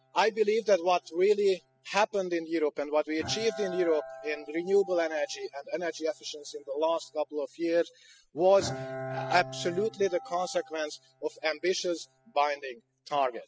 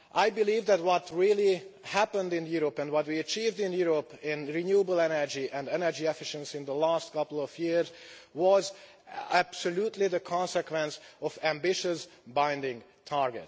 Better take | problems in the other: second | noise reduction (classical method spectral subtraction)

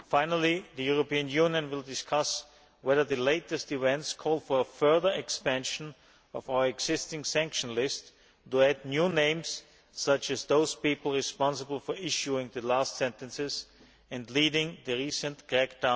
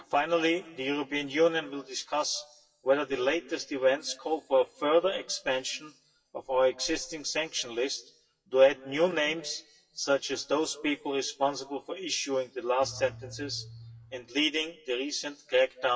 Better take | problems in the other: first | noise reduction (classical method WPE with log-MMSE)

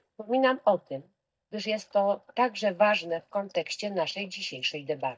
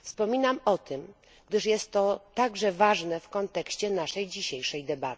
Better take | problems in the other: second | noise reduction (neural mask model DeepFilterNet 3)

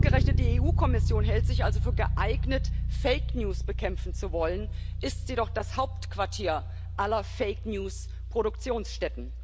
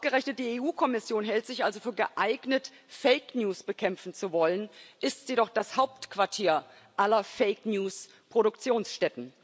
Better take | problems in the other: second | background sound (Bass guitar); 4 dB above the speech

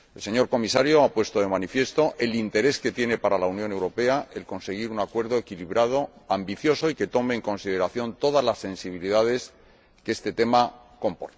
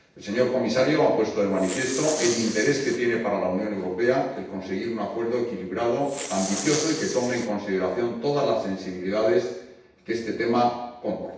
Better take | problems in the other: first | background sound (Respiratory sounds); 11 dB below the speech // room echo; dies away in 0.9 s

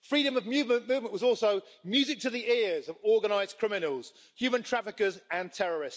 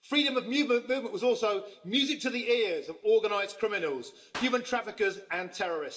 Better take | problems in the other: first | background sound (Clapping); 12 dB below the speech // room echo; dies away in 0.8 s

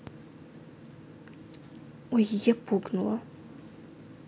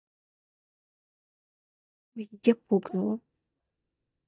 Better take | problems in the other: first | noise reduction (neural mask model DeepFilterNet 3)

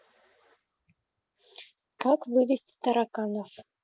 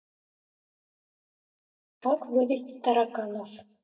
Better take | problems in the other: first | noise reduction (neural mask model DeepFilterNet 3)

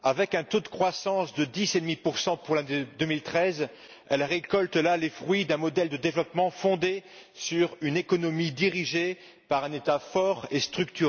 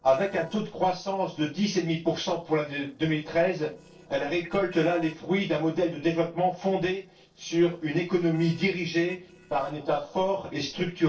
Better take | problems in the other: first | noise reduction (neural separator model SepFormer DNS4)

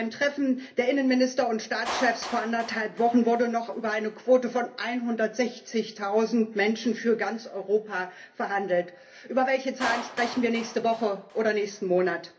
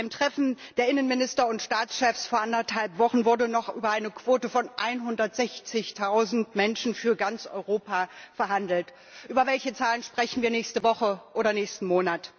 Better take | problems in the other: second | background sound (Clapping); 16 dB below the speech // room echo; dies away in 0.3 s

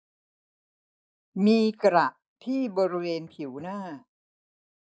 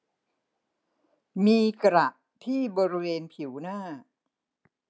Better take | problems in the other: second | noise reduction (neural mask model Resemble Enhance denoiser)

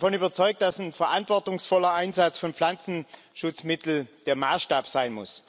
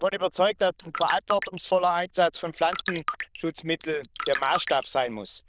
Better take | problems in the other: first | noise reduction (neural diffusion model UNIVERSE++)

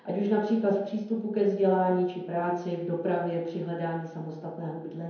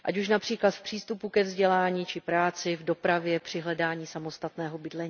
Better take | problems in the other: second | room echo; dies away in 0.9 s

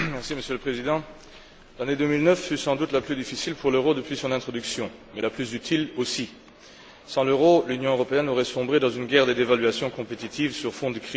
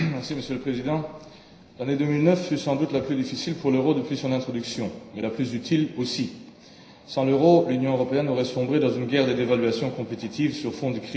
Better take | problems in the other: first | room echo; dies away in 0.9 s

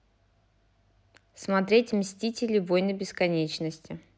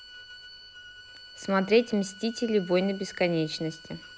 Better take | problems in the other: first | background sound (Bowed string instrument); 18 dB below the speech

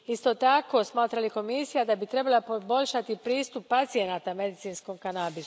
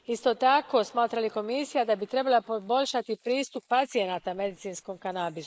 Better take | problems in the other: first | noise reduction (neural mask model Resemble Enhance denoiser)

